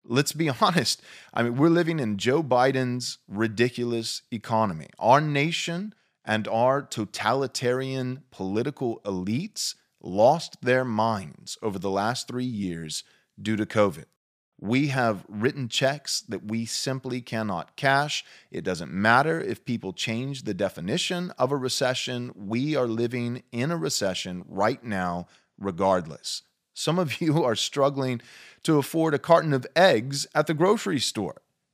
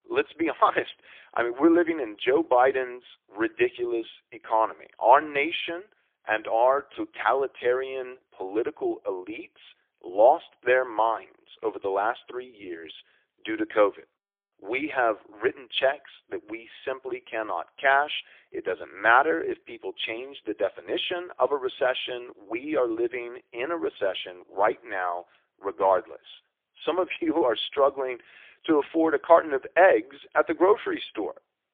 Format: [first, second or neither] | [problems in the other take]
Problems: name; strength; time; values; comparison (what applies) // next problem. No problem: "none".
first | phone-call audio; poor line; nothing above 3.5 kHz